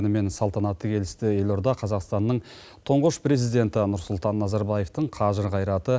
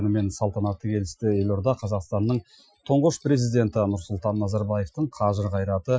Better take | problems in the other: first | noise reduction (classical method Wiener filter)

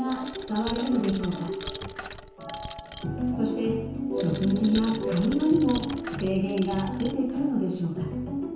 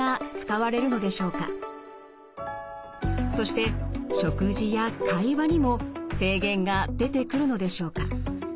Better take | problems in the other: second | background sound (Coin (dropping)); 14 dB below the speech // room echo; dies away in 1 s

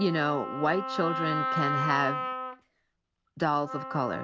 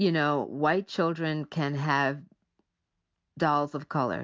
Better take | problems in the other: second | background sound (Wind instrument, woodwind instrument); 4 dB below the speech

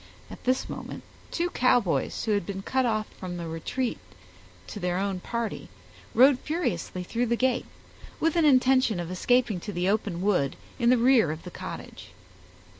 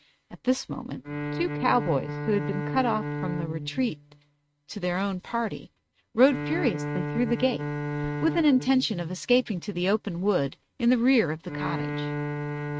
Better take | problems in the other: first | noise reduction (neural mask model RNNoise)

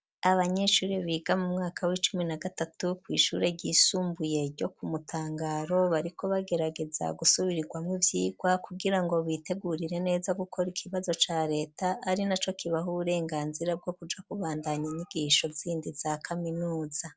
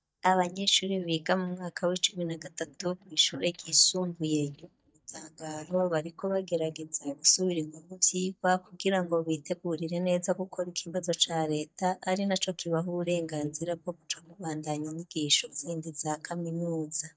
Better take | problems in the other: first | noise reduction (neural mask model DeepFilterNet 3)

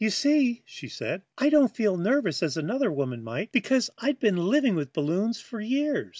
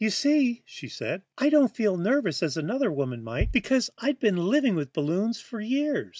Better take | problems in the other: first | noise reduction (neural mask model RNNoise)

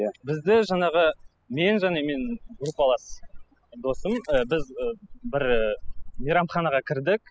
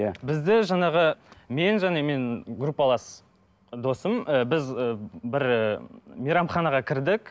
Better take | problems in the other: second | noise reduction (classical method spectral subtraction)

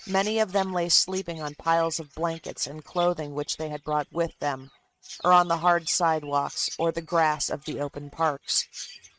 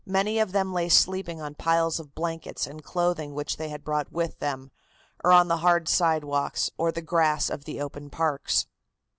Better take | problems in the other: second | noise reduction (neural mask model RNNoise)

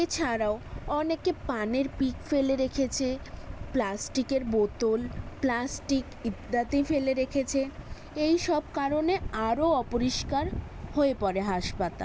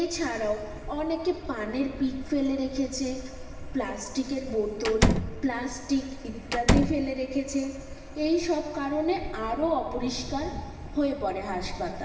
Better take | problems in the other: first | background sound (Slam); 3 dB above the speech // room echo; dies away in 2.4 s

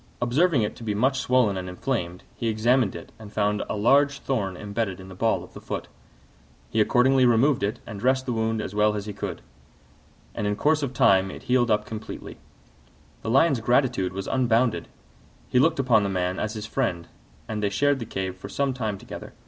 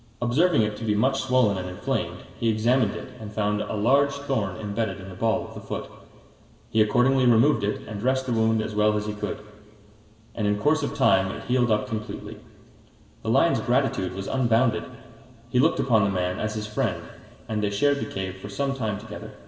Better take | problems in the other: first | room echo; dies away in 2.3 s

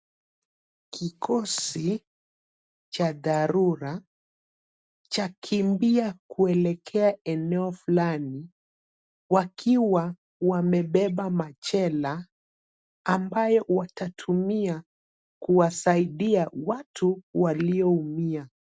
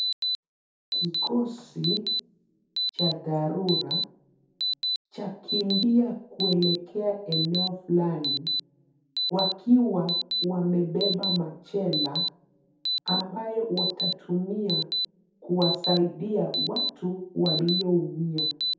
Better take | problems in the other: first | background sound (Alarm); 3 dB below the speech // room echo; dies away in 0.6 s

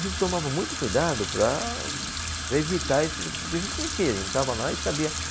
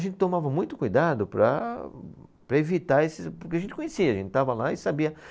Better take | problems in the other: second | background sound (Sink (filling or washing) / Water tap, faucet); 4 dB below the speech

